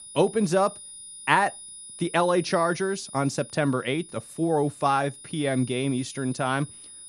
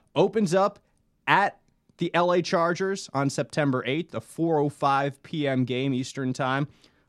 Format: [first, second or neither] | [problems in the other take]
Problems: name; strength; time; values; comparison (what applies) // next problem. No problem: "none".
second | high-pitched whine; noticeable; throughout; 9.5 kHz, 15 dB below the speech